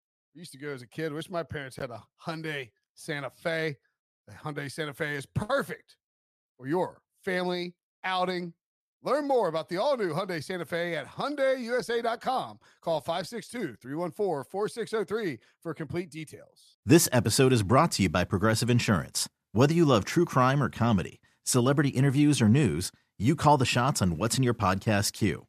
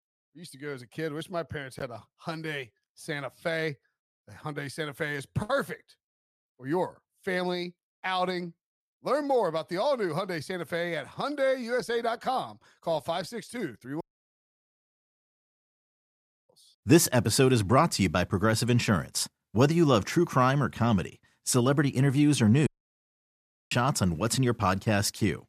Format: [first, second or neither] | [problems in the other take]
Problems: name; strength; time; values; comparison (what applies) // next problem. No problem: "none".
first | audio cutting out; at 14 s for 2.5 s and at 23 s for 1 s